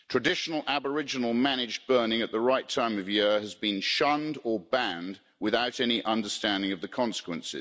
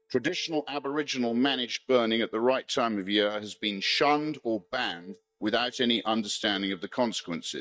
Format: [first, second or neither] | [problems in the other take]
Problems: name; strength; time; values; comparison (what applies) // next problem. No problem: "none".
first | noise reduction (neural mask model DeepFilterNet 3)